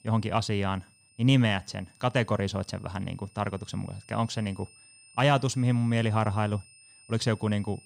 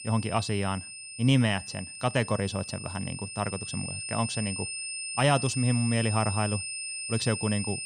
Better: first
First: high-pitched whine; faint; throughout; 2.5 kHz, 25 dB below the speech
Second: high-pitched whine; loud; throughout; 2.5 kHz, 6 dB below the speech

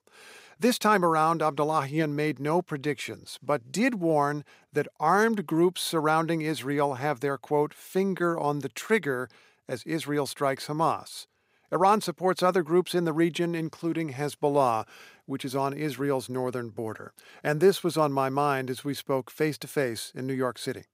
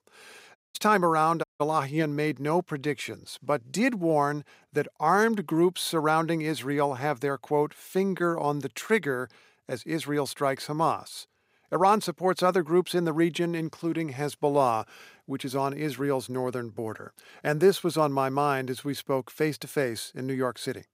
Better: first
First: none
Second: audio cutting out; at 0.5 s and at 1.5 s

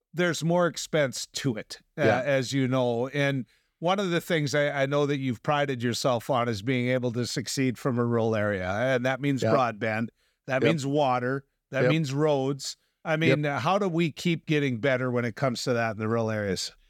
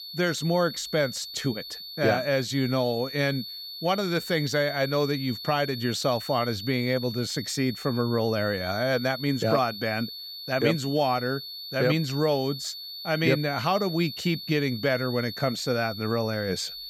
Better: first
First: none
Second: high-pitched whine; loud; throughout; 4.5 kHz, 9 dB below the speech

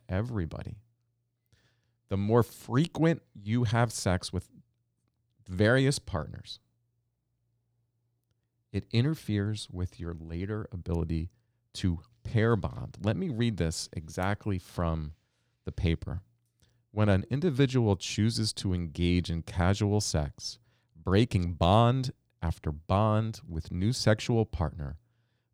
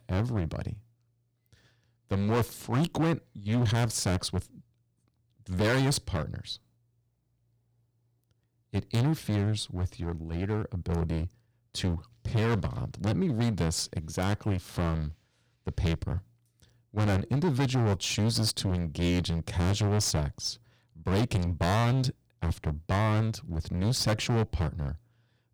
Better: first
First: none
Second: distortion; heavy; 12% of the sound clipped

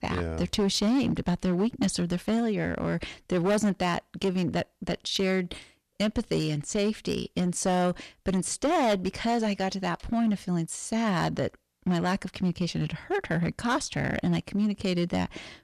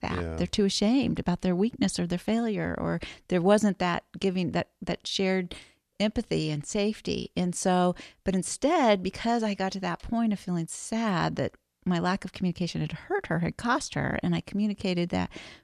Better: second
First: distortion; slight; 7% of the sound clipped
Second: none

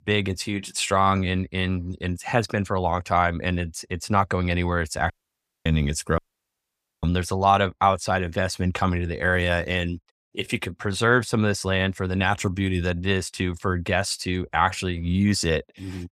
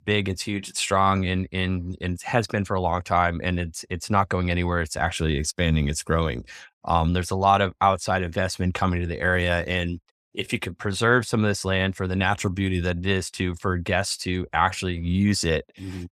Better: second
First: audio cutting out; at 5 s for 0.5 s and at 6 s for 1 s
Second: none

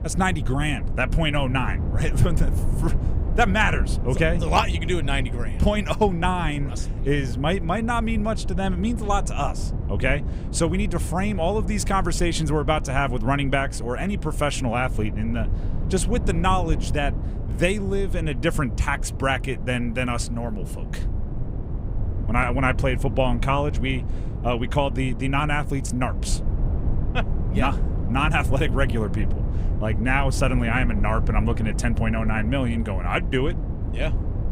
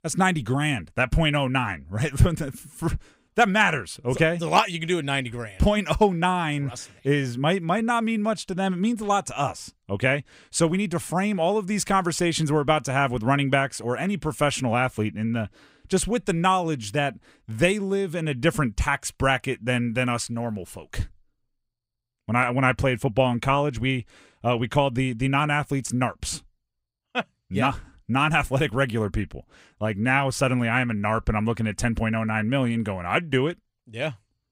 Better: second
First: low rumble; noticeable; throughout; 15 dB below the speech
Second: none

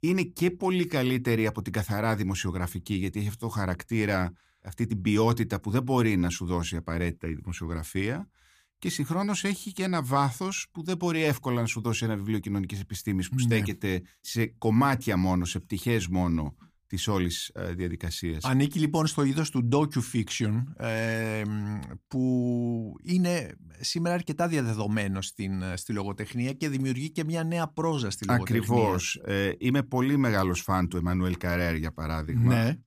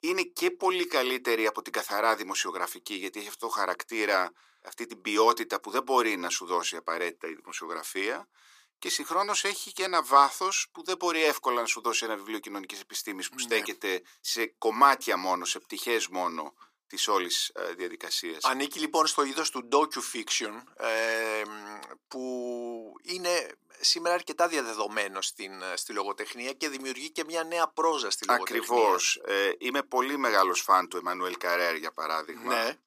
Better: first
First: none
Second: thin; very; fading below 350 Hz

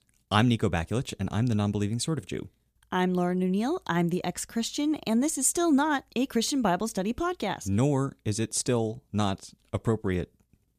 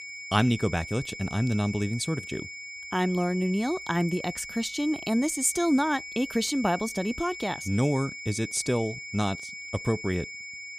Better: first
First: none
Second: high-pitched whine; loud; throughout; 2 kHz, 10 dB below the speech

